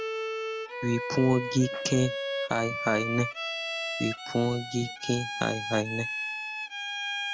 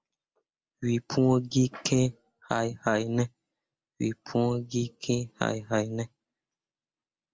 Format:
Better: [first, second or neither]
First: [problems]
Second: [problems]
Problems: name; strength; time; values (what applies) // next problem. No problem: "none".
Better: second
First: background sound (Bowed string instrument); 4 dB below the speech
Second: none